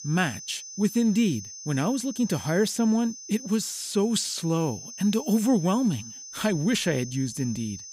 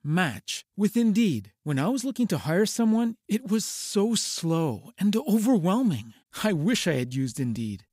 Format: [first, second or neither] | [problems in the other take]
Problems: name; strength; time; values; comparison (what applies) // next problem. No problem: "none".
second | high-pitched whine; noticeable; throughout; 6 kHz, 15 dB below the speech